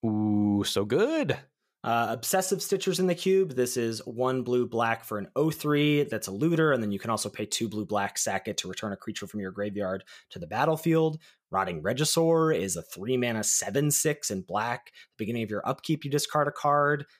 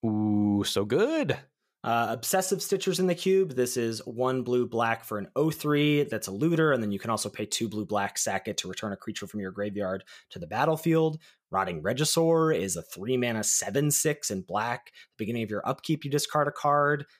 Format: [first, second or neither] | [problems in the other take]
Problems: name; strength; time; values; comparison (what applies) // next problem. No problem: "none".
neither | none